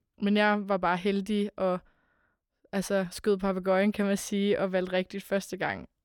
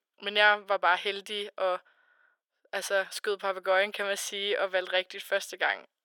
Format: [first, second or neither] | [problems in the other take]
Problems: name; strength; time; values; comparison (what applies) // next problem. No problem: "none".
first | thin; very; fading below 500 Hz